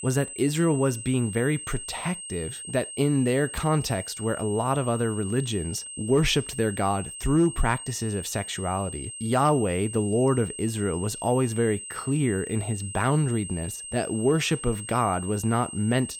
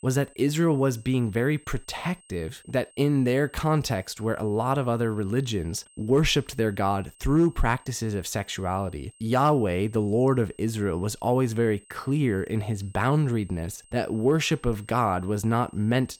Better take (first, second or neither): second